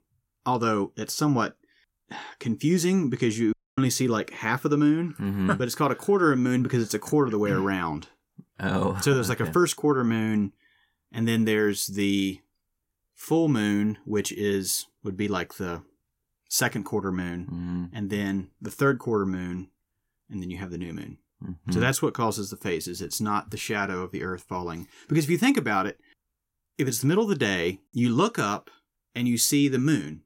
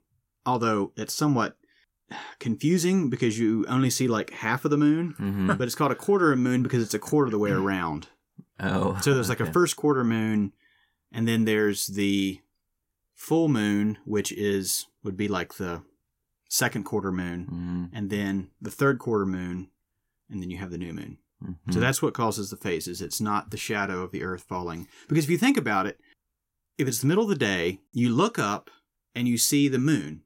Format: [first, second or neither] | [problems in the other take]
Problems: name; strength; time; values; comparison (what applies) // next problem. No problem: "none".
second | audio cutting out; at 3.5 s